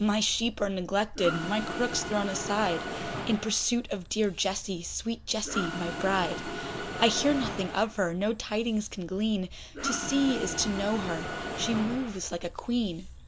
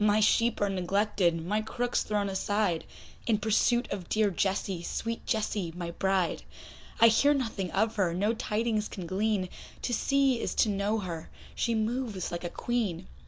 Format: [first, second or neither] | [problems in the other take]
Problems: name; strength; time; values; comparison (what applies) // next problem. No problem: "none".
second | background sound (Mechanisms); 8 dB below the speech